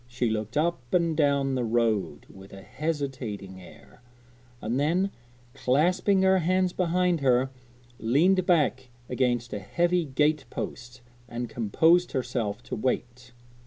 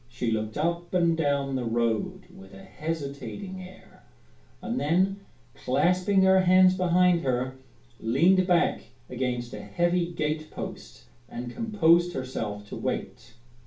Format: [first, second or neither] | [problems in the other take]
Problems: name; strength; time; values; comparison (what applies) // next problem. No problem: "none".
first | room echo; dies away in 0.3 s